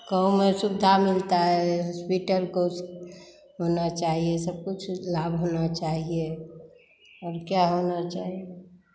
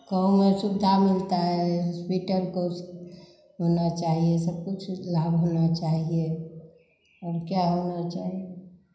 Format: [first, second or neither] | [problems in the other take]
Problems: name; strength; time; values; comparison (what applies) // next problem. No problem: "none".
first | room echo; dies away in 0.5 s